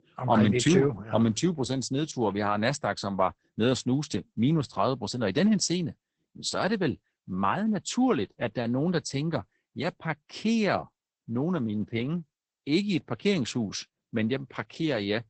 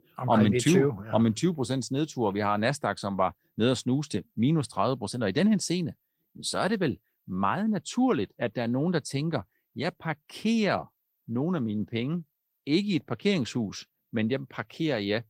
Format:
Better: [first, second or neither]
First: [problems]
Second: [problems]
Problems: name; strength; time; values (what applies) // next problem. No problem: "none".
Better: second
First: garbled, watery; badly; nothing above 8 kHz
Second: garbled, watery; slightly; nothing above 16 kHz